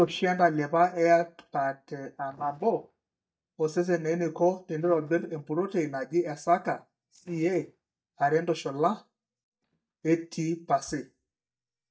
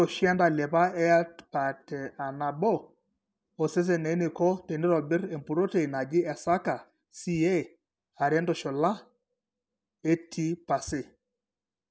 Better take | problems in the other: second | noise reduction (neural mask model DeepFilterNet 3)

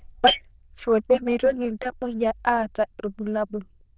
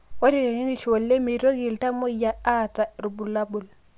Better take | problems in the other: second | noise reduction (neural diffusion model UNIVERSE++)

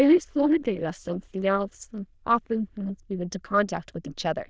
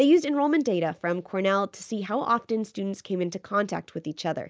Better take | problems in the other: second | noise reduction (neural diffusion model UNIVERSE++)

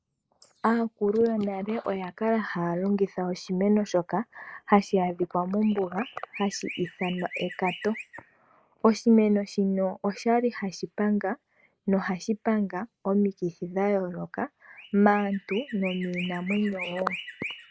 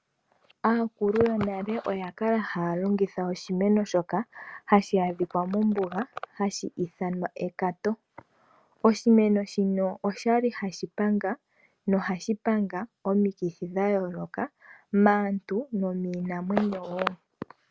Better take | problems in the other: second | noise reduction (neural mask model Resemble Enhance denoiser)

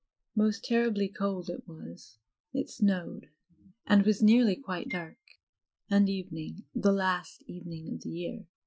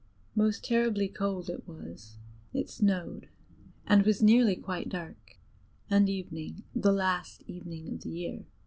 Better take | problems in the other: second | noise reduction (classical method Wiener filter)

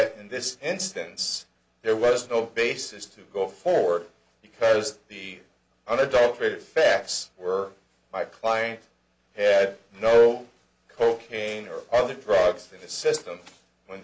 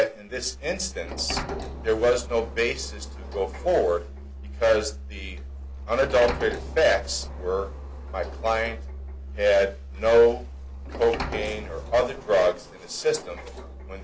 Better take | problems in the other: first | background sound (Sliding door + Musical instrument); 10 dB below the speech

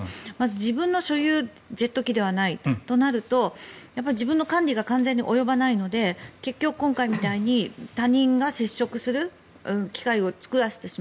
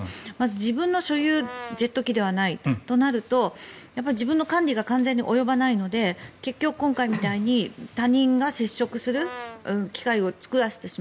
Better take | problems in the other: first | background sound (Brass instrument); 15 dB below the speech

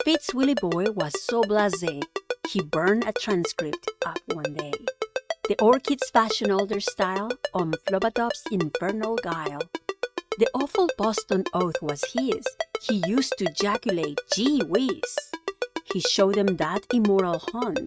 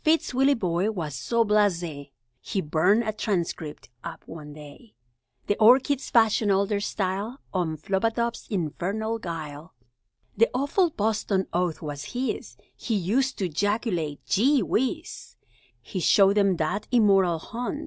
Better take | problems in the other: second | noise reduction (neural mask model RNNoise)

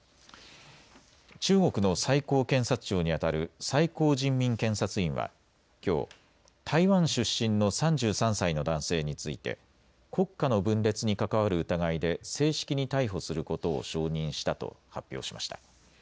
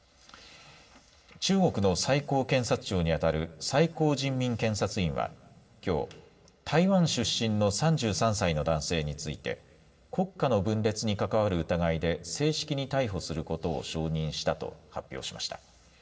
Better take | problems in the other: first | room echo; dies away in 0.4 s

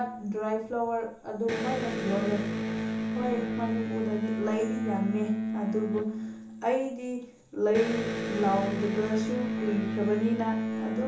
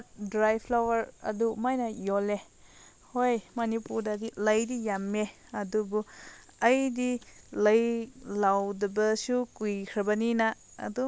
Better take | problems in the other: second | background sound (Electric guitar); 1 dB below the speech // room echo; dies away in 1.2 s

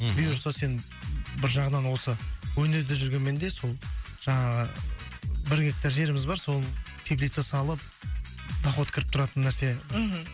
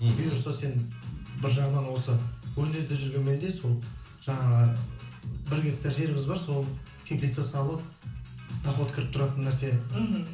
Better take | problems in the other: first | room echo; dies away in 0.8 s

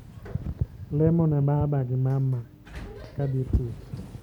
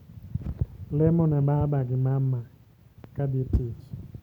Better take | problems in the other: second | background sound (Sliding door); 19 dB below the speech

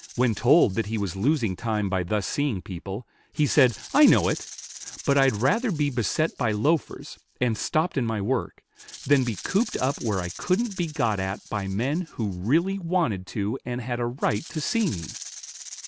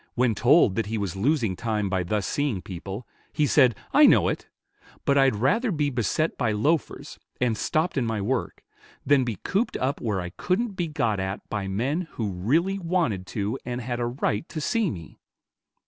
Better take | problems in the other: second | background sound (Rattle (instrument)); 18 dB below the speech

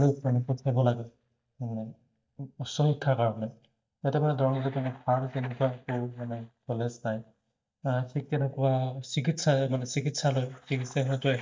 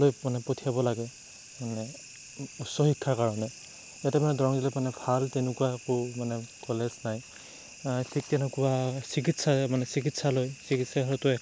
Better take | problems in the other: second | noise reduction (neural mask model DeepFilterNet 3)

